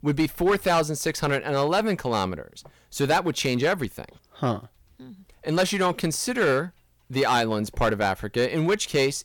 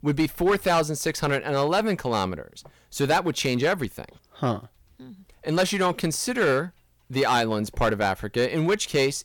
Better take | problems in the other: neither | distortion; slight; 5% of the sound clipped; the same in both

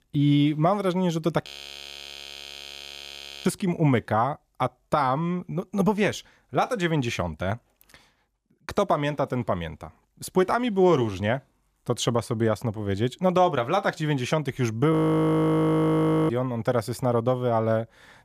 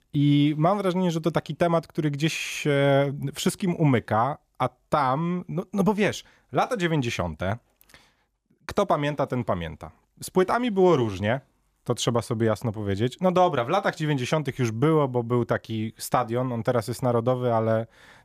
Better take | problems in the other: second | audio freezing; at 1.5 s for 2 s and at 15 s for 1.5 s

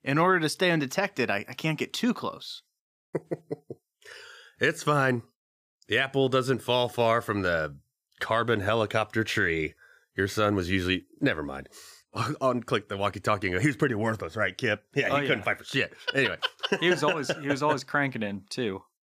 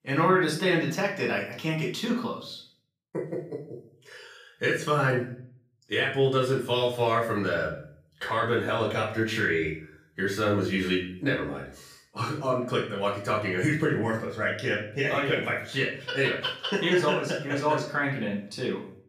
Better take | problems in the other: first | off-mic speech; far // room echo; noticeable; dies away in 0.5 s

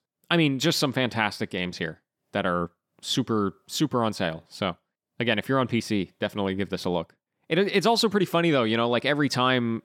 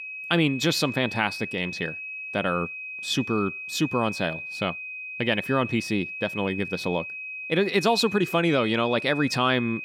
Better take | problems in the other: first | high-pitched whine; loud; throughout; 2.5 kHz, 8 dB below the speech

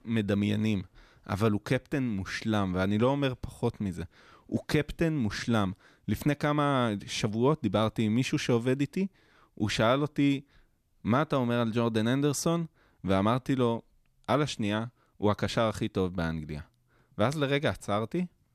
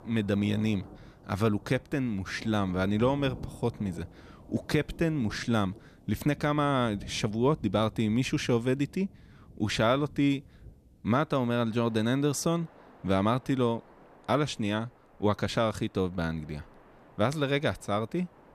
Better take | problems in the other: first | rain or running water; faint; throughout; 20 dB below the speech

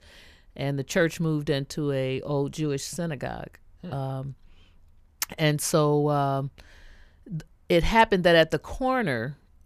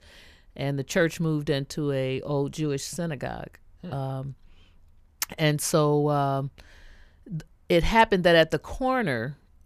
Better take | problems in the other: neither | none

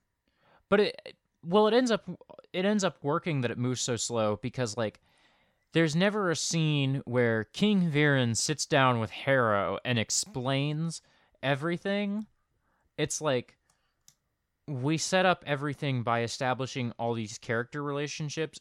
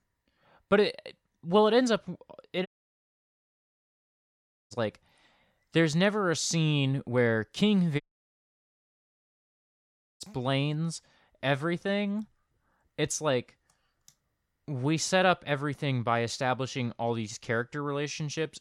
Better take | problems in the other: first | audio cutting out; at 2.5 s for 2 s and at 8 s for 2 s

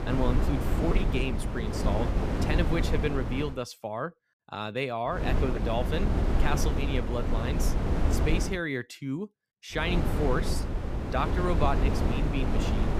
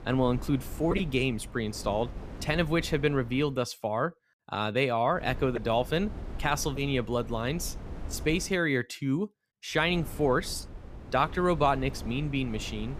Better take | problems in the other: second | wind noise on the microphone; heavy; until 3.5 s, from 5 to 8.5 s and from 10 s on; 2 dB below the speech; occasional gusts in the second

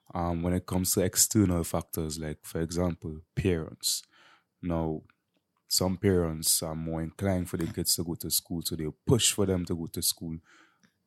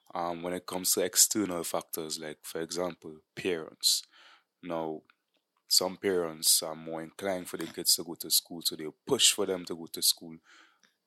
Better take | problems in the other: first | thin; somewhat; fading below 400 Hz

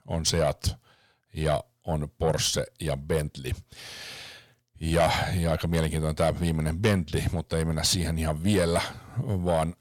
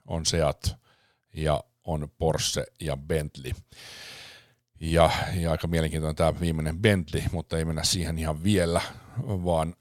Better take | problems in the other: second | distortion; slight; 10 dB below the speech

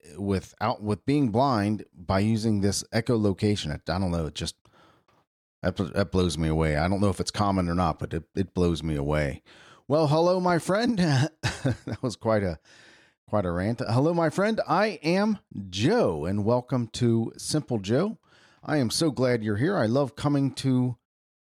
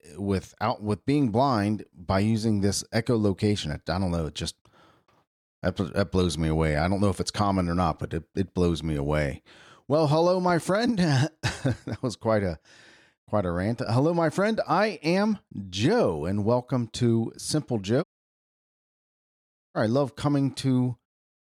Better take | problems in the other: first | audio cutting out; at 18 s for 1.5 s

